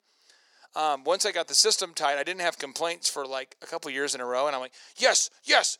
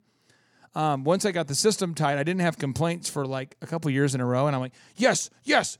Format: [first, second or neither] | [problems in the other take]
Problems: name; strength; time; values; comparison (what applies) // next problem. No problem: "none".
second | thin; very; fading below 450 Hz